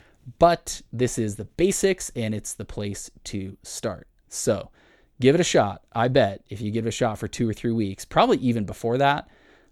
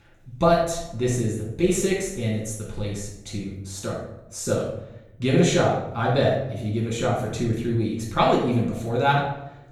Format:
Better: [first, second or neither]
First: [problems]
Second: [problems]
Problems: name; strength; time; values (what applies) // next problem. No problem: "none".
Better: first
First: none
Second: off-mic speech; far // room echo; noticeable; dies away in 0.7 s